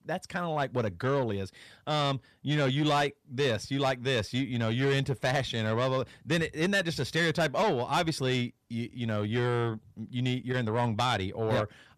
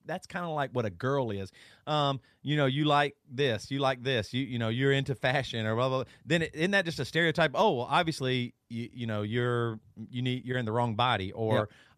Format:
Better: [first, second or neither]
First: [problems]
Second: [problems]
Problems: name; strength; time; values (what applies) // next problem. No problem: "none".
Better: second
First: distortion; slight; 10 dB below the speech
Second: none